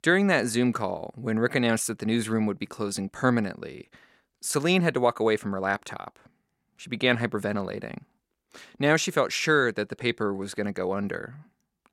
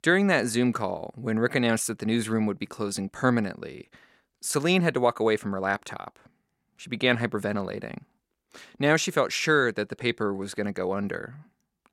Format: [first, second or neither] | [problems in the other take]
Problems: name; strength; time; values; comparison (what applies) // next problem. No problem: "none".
neither | none